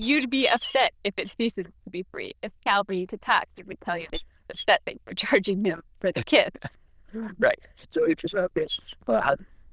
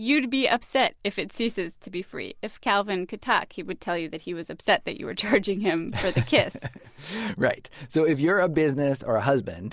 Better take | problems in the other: second | noise reduction (neural diffusion model UNIVERSE++)

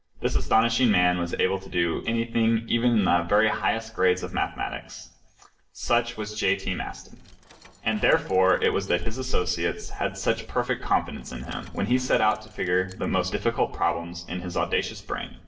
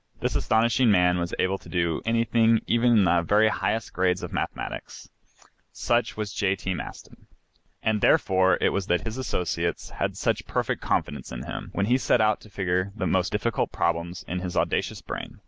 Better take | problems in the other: second | noise reduction (neural separator model SepFormer DNS4)

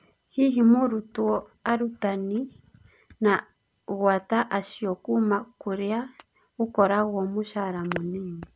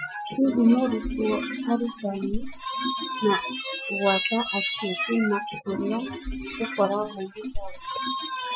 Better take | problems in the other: first | noise reduction (classical method Wiener filter)

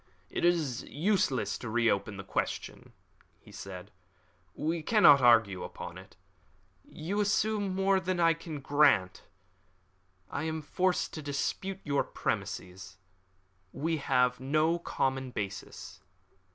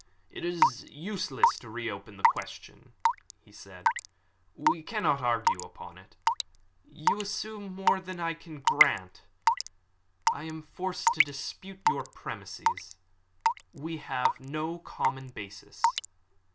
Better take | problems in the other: first | background sound (Raindrop / Drip / Water tap, faucet); 5 dB above the speech // room echo; dies away in 0.2 s

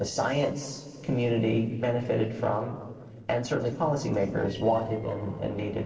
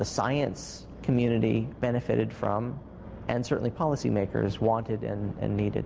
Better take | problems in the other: second | noise reduction (neural separator model SepFormer DNS4)

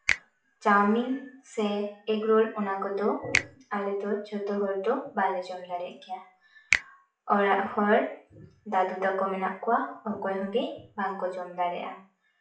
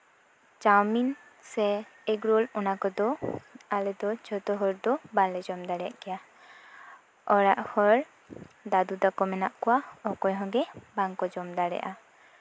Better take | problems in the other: second | noise reduction (classical method WPE with log-MMSE)

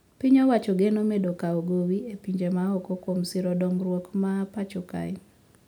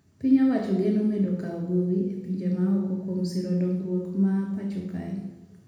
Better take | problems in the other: first | room echo; dies away in 1 s

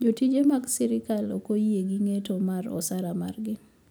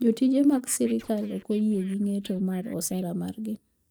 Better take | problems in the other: first | noise reduction (neural mask model DeepFilterNet 3)

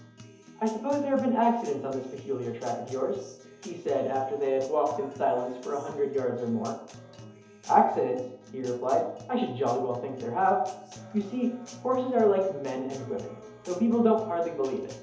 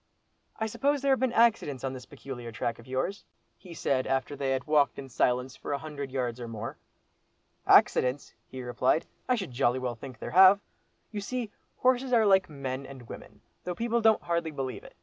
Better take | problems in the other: second | background sound (Acoustic guitar); 20 dB below the speech // room echo; dies away in 2.2 s

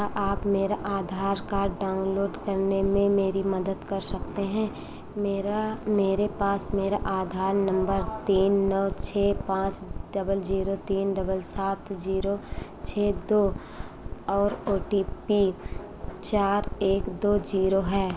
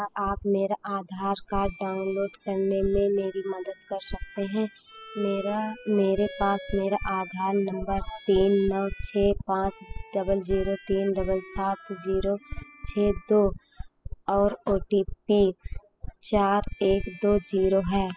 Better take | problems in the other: first | noise reduction (classical method spectral subtraction)

